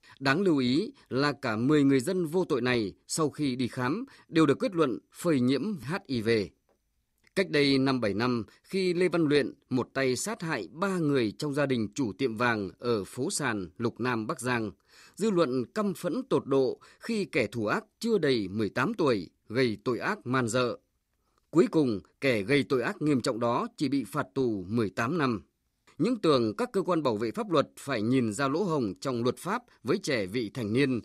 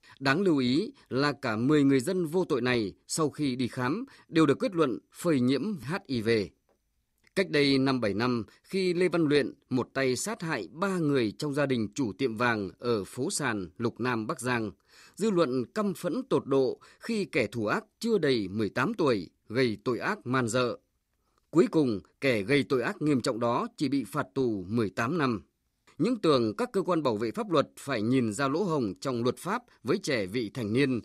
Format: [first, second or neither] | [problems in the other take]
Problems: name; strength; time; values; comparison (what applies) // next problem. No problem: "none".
neither | none